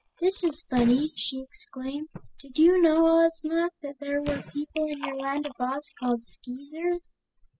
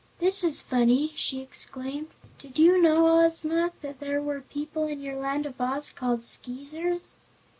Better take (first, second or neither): second